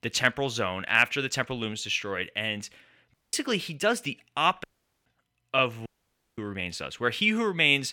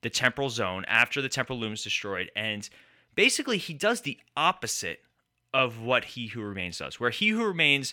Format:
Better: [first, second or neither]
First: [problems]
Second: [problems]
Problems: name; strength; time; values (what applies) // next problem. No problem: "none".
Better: second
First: audio cutting out; at 3 s, at 4.5 s and at 6 s for 0.5 s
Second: none